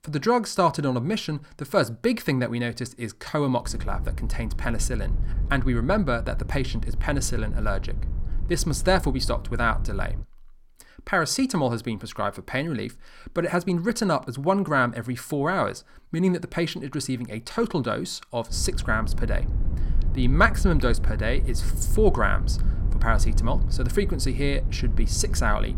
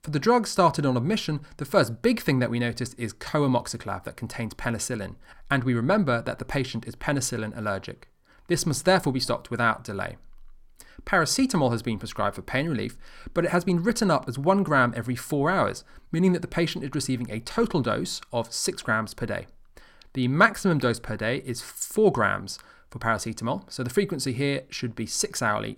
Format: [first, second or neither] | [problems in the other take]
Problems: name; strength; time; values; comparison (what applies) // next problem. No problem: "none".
second | low rumble; noticeable; from 3.5 to 10 s and from 19 s on; 20 dB below the speech